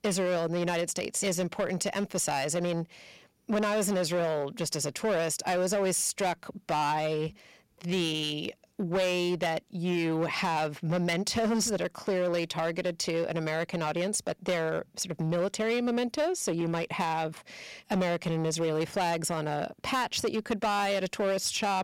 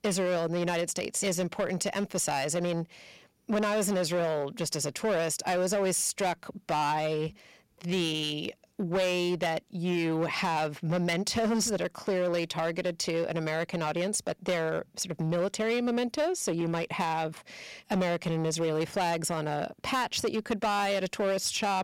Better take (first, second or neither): neither